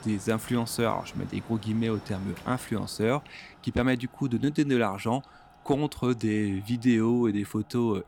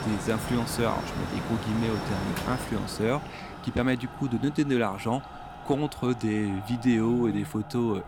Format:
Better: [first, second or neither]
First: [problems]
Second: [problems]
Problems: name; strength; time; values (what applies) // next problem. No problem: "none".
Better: first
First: machinery noise; faint; throughout; 20 dB below the speech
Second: machinery noise; loud; throughout; 8 dB below the speech